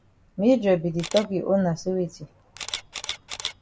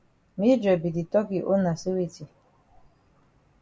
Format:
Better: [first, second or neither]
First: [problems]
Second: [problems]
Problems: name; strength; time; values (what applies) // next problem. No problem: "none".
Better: second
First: background sound (Camera); 13 dB below the speech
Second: none